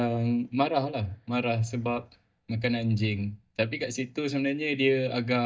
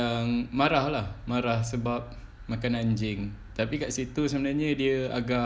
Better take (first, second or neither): second